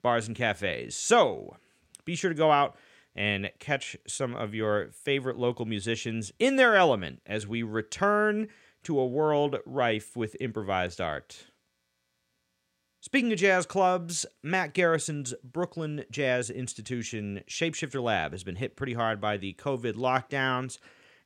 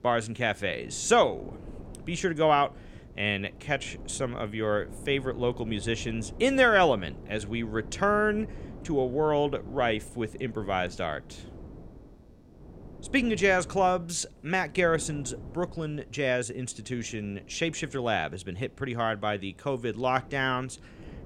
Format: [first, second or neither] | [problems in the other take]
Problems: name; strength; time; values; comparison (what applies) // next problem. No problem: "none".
first | wind noise on the microphone; occasional gusts; 25 dB below the speech